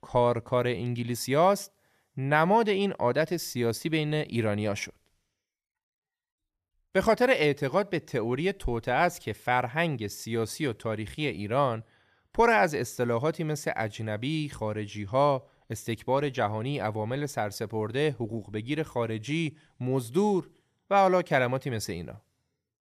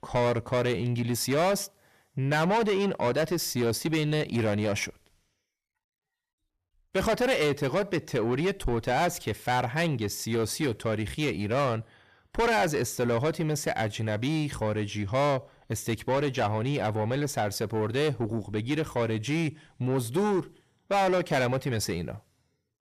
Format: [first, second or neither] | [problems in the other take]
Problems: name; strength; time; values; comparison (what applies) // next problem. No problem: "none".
first | distortion; heavy; 8 dB below the speech